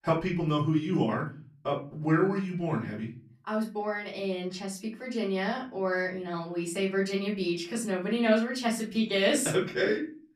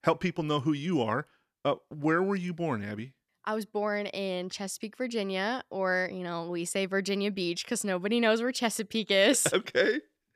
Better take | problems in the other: second | room echo; slight; dies away in 0.5 s // off-mic speech; far

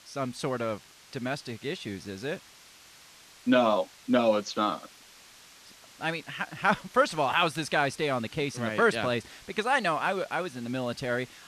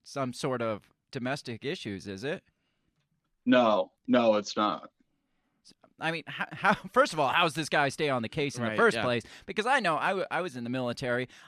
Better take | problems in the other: second | hiss; faint; throughout; 20 dB below the speech

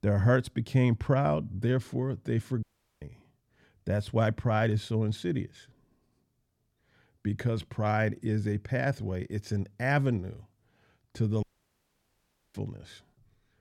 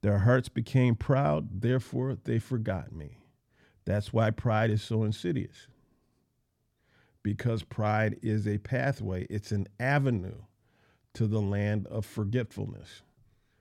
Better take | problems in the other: second | audio cutting out; at 2.5 s and at 11 s for 1 s

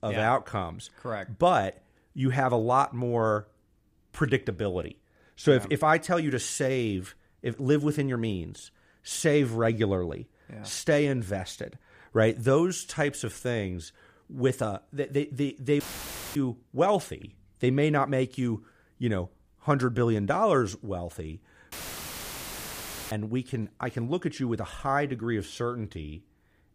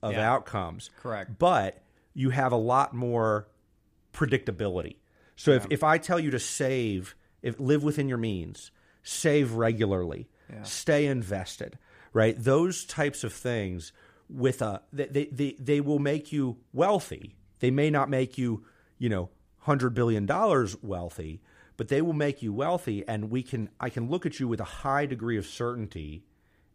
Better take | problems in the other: second | audio cutting out; filled with static; at 16 s for 0.5 s and at 22 s for 1.5 s

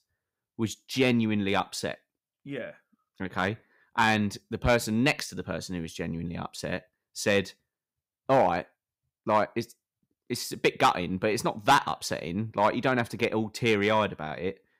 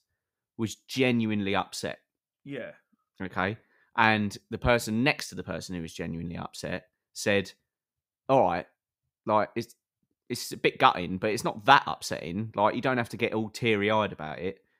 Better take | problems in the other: second | distortion; slight; 0.9% of the sound clipped

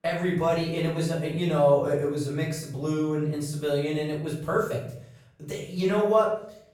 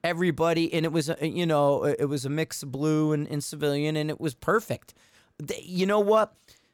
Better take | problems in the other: second | off-mic speech; far // room echo; noticeable; dies away in 0.7 s

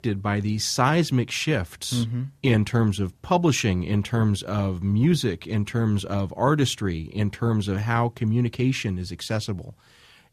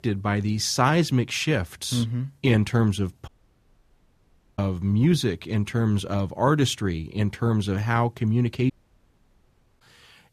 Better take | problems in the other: first | audio cutting out; at 3.5 s for 1.5 s and at 8.5 s for 1 s

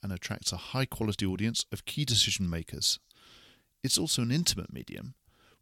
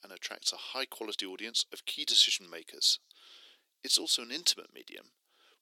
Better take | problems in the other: first | thin; very; fading below 350 Hz

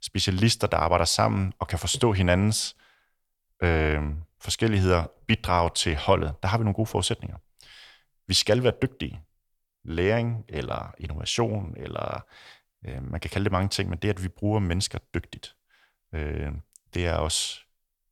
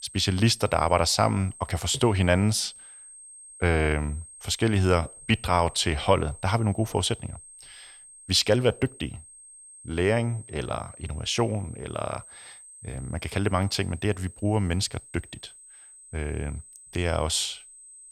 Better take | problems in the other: first | high-pitched whine; noticeable; throughout; 8.5 kHz, 20 dB below the speech

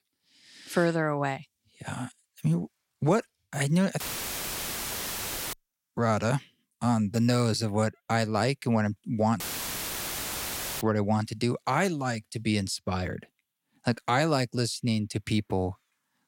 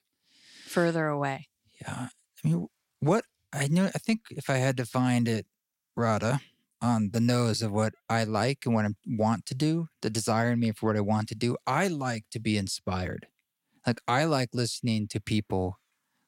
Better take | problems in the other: second | audio cutting out; filled with static; at 4 s for 1.5 s and at 9.5 s for 1.5 s

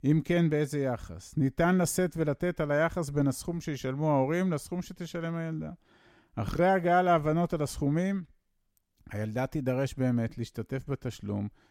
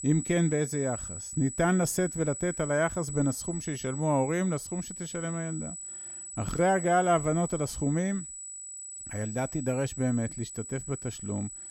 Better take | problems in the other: first | high-pitched whine; loud; throughout; 8 kHz, 8 dB below the speech

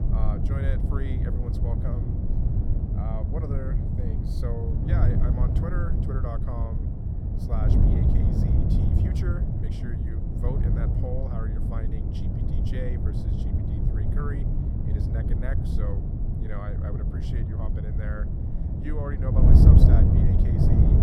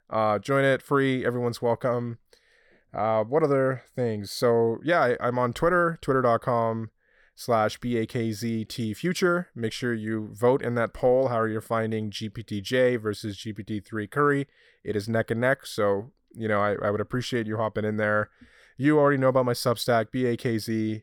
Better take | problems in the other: second | wind noise on the microphone; heavy; 3 dB above the speech

